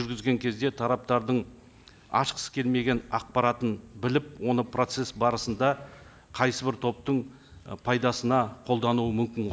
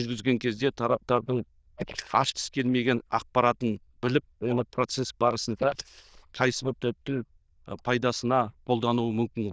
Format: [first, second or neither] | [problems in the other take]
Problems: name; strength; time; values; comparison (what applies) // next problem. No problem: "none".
first | noise reduction (neural diffusion model UNIVERSE++)